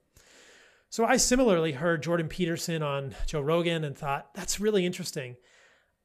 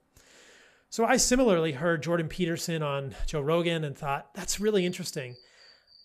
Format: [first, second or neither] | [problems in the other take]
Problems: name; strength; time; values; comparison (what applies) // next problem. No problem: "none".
first | animal sounds; faint; throughout; 25 dB below the speech